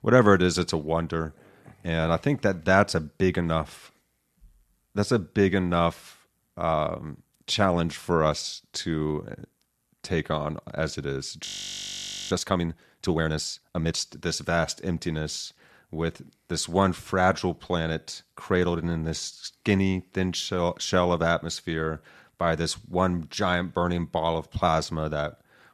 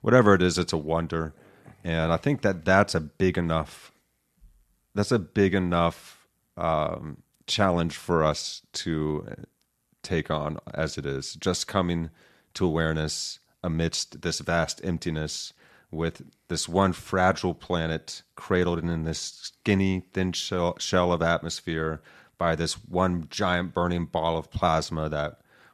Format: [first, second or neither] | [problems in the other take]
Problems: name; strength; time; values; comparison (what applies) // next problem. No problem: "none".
second | audio freezing; at 11 s for 1 s